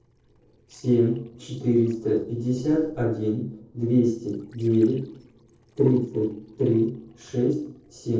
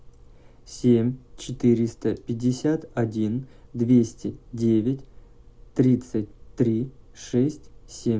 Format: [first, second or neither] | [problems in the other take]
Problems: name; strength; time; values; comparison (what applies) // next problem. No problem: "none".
second | noise reduction (neural separator model SepFormer DNS4)